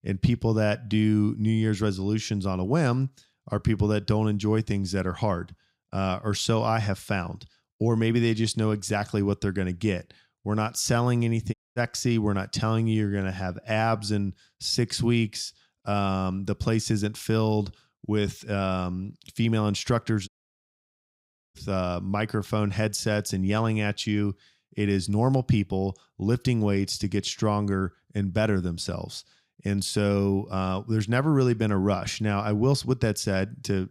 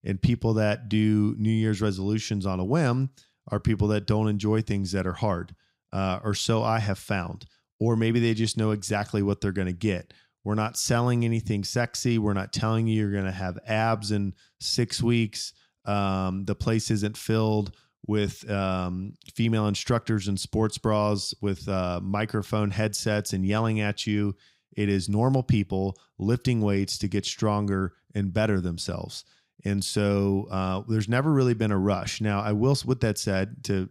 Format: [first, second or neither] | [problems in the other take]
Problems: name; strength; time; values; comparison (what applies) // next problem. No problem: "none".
second | audio cutting out; at 12 s and at 20 s for 1.5 s